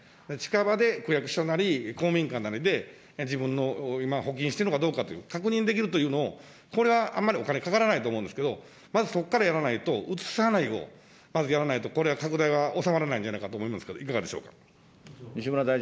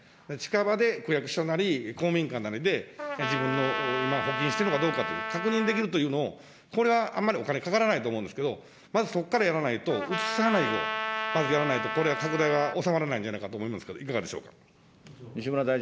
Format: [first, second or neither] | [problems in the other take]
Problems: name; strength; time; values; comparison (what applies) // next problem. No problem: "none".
first | background sound (Trumpet); 4 dB below the speech